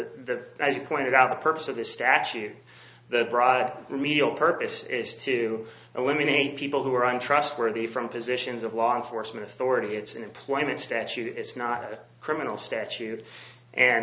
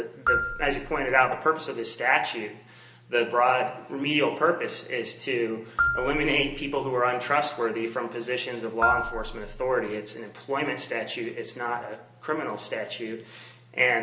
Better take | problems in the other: first | background sound (Marimba, xylophone); 5 dB below the speech // room echo; dies away in 0.9 s

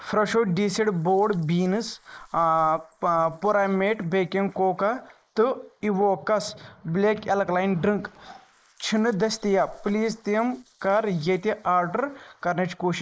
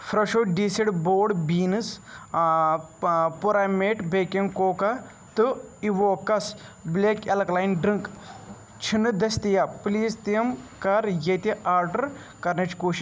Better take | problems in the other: second | noise reduction (neural mask model Resemble Enhance denoiser)

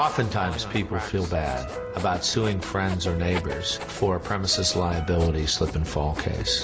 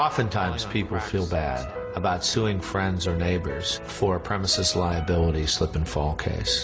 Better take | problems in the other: second | background sound (Sawing); 15 dB below the speech

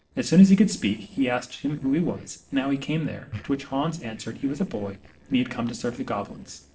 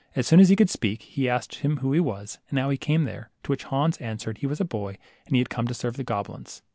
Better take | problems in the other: second | noise reduction (neural separator model SepFormer DNS4)

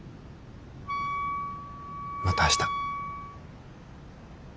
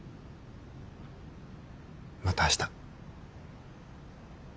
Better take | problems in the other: second | background sound (Wind instrument, woodwind instrument); 1 dB above the speech

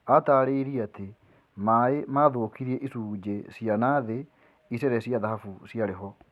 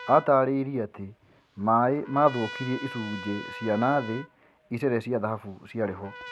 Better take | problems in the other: first | background sound (Trumpet); 16 dB below the speech

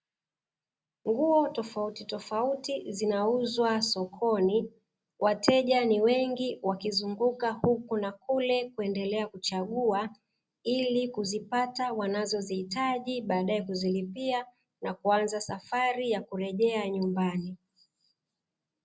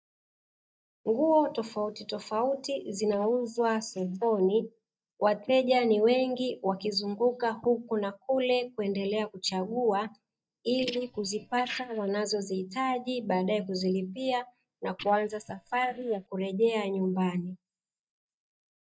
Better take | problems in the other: first | noise reduction (neural mask model DeepFilterNet 3)

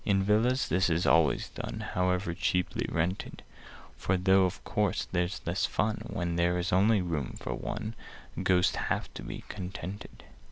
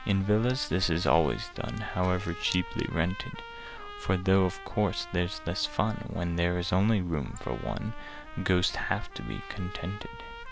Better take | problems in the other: first | background sound (Camera + Trumpet); 16 dB below the speech

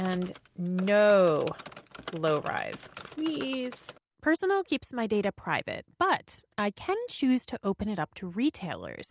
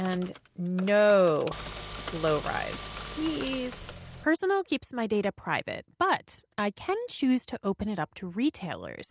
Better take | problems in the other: first | background sound (Car); 12 dB below the speech

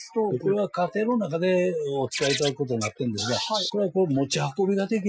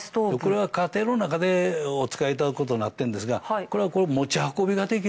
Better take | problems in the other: second | noise reduction (classical method Wiener filter)

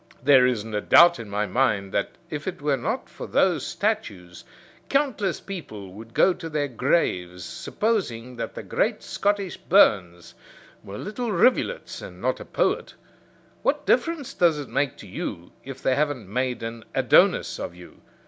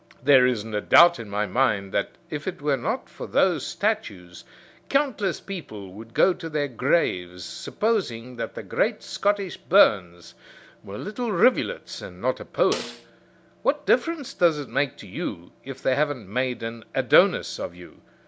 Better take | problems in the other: first | background sound (Snare drum); 13 dB below the speech

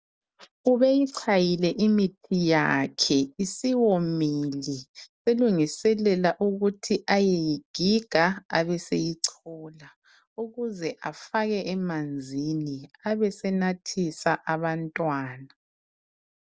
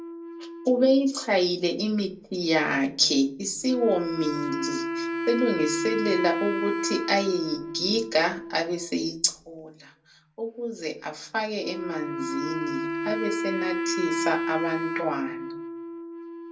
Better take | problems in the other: first | background sound (Wind instrument, woodwind instrument); 5 dB below the speech // room echo; dies away in 0.2 s

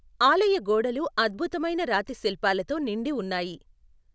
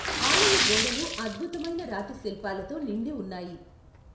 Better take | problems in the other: first | background sound (Splash, splatter); 2 dB above the speech // room echo; dies away in 0.5 s

